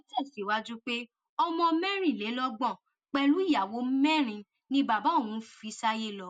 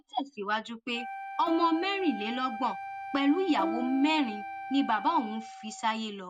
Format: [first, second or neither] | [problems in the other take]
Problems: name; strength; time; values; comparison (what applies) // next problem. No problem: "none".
first | background sound (Plucked string instrument + Wind instrument, woodwind instrument); 8 dB below the speech